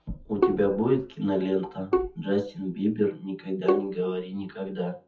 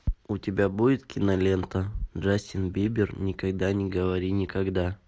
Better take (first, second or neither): second